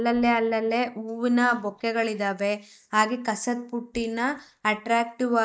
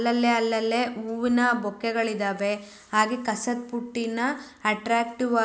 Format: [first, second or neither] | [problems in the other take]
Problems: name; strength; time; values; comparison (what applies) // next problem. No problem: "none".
second | noise reduction (neural mask model DeepFilterNet 3)